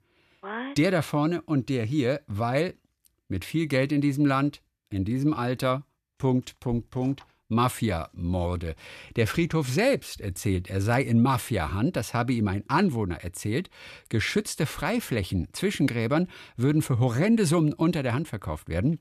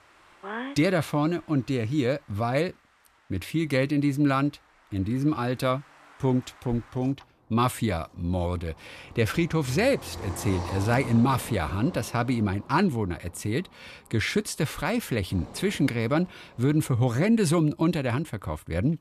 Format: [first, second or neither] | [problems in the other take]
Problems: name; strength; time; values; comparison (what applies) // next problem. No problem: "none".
first | traffic noise; noticeable; throughout; 15 dB below the speech